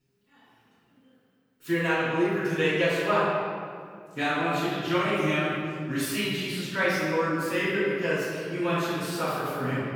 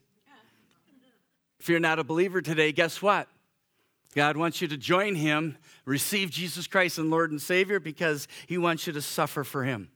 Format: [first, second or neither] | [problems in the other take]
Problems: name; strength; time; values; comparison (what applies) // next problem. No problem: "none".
second | off-mic speech; far // room echo; strong; dies away in 2 s